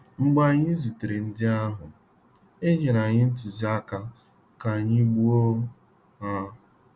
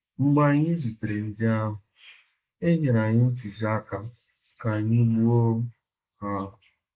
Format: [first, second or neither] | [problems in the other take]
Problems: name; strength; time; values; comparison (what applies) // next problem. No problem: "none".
first | noise reduction (neural mask model Resemble Enhance denoiser)